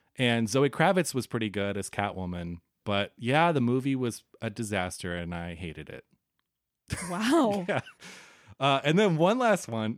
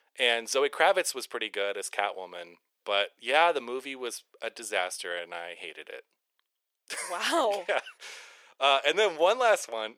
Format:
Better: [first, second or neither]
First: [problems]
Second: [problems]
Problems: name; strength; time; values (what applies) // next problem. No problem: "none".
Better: first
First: none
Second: thin; very; fading below 450 Hz